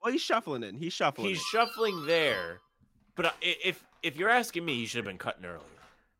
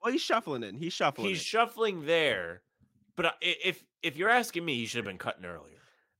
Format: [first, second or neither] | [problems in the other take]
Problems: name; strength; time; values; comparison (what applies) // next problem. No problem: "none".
second | doorbell; noticeable; from 1.5 s on; peak 9 dB below the speech